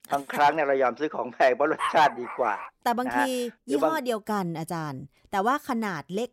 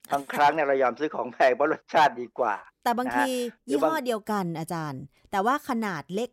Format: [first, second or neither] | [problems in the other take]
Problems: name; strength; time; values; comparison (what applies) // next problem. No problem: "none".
second | dog barking; noticeable; at 2 s; peak 4 dB below the speech